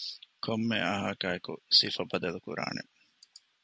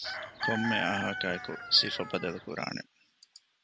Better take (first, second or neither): first